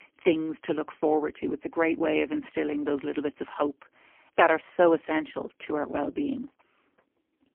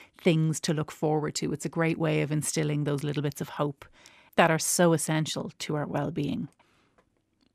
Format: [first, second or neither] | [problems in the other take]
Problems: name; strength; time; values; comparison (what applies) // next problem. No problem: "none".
second | phone-call audio; poor line; nothing above 3 kHz